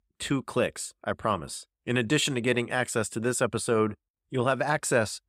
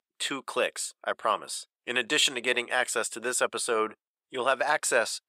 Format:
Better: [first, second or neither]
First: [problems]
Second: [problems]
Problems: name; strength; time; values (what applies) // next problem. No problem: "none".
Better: first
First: none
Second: thin; somewhat; fading below 550 Hz